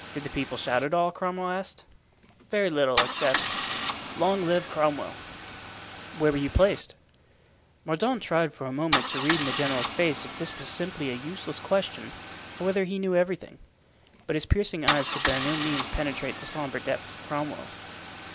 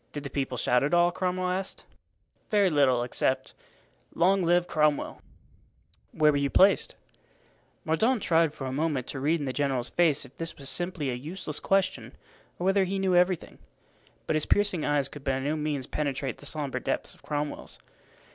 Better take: second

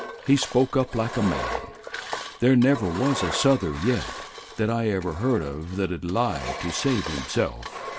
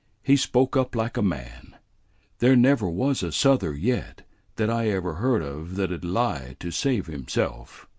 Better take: second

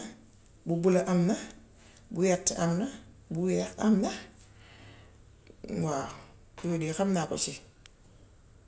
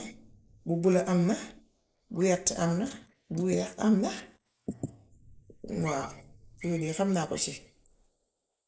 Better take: first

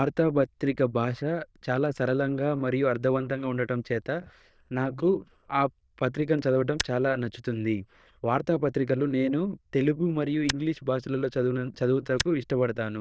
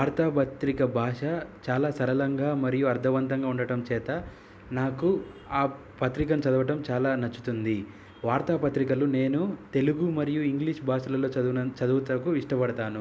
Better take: second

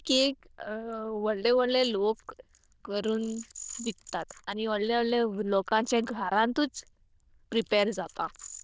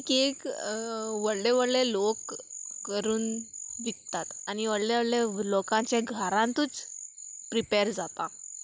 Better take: second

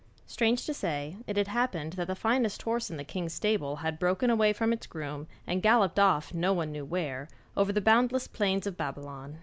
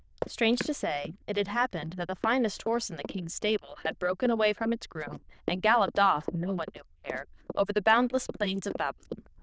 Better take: first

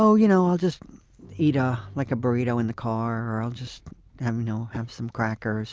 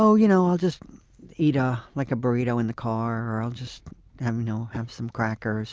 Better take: second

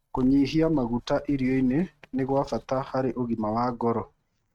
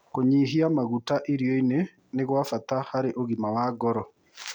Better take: second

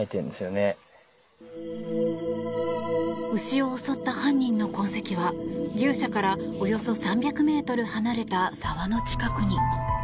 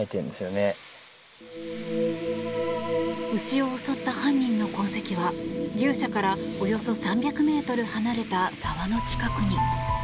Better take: first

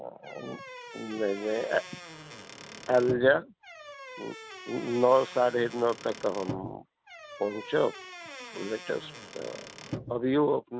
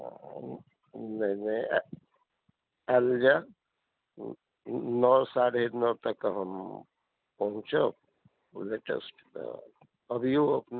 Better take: second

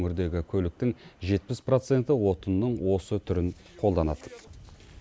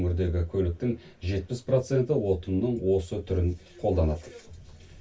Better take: first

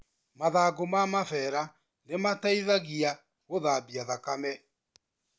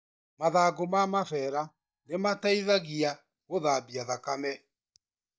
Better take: first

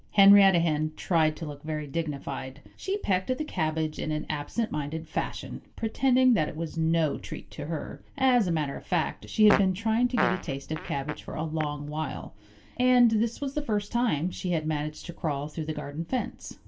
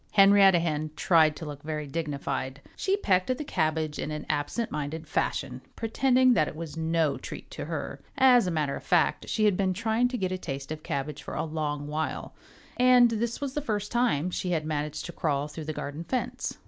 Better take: second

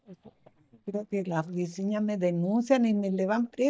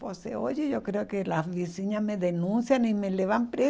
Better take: second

